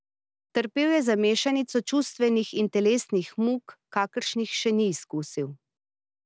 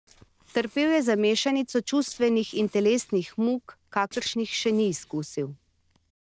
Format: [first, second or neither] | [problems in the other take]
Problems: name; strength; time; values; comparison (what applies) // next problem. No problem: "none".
first | noise reduction (neural separator model SepFormer DNS4)